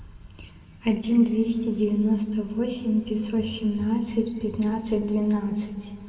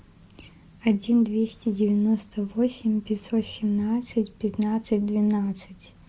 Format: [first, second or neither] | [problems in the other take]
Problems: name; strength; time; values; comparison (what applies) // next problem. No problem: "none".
second | room echo; dies away in 2.3 s